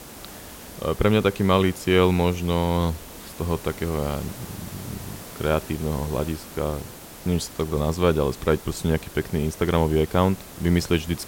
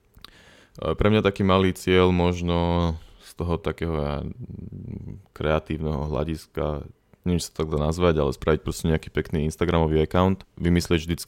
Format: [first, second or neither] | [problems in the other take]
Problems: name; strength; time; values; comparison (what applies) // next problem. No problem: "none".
second | hiss; noticeable; throughout; 15 dB below the speech